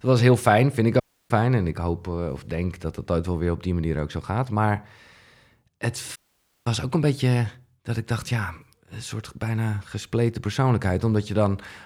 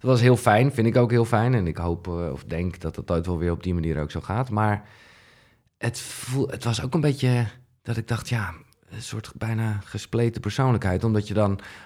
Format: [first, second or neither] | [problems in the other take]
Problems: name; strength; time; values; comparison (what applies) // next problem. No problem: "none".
second | audio cutting out; at 1 s and at 6 s for 0.5 s